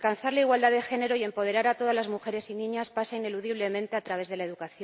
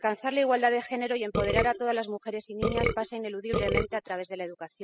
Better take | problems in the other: first | noise reduction (classical method spectral subtraction)

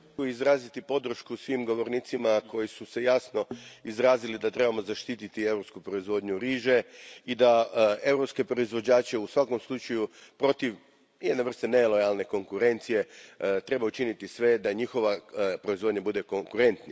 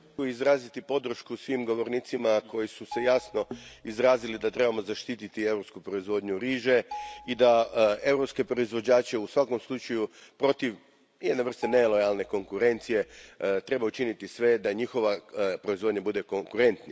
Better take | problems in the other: first | background sound (Marimba, xylophone); 17 dB below the speech

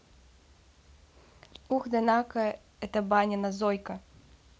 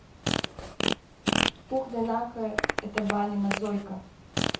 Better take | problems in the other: first | background sound (Fart); 1 dB above the speech // room echo; dies away in 0.7 s

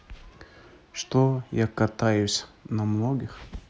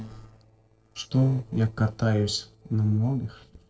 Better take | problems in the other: first | noise reduction (neural separator model SepFormer DNS4)

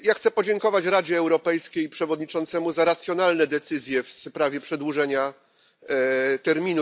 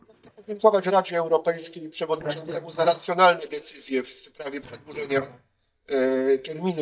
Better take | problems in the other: first | noise reduction (neural mask model DeepFilterNet 3)

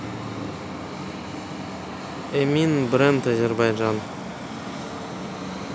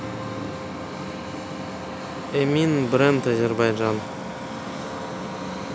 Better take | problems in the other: first | background sound (Wind instrument, woodwind instrument); 14 dB below the speech

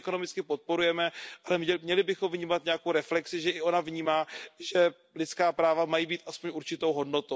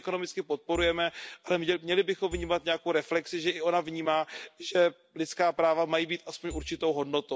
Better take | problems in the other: first | background sound (Marimba, xylophone / Wood); 14 dB below the speech

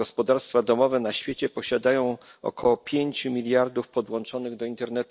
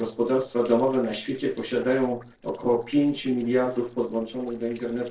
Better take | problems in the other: first | noise reduction (neural separator model SepFormer DNS4)

